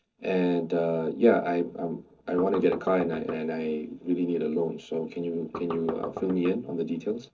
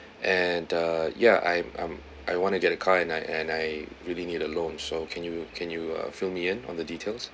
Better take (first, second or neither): second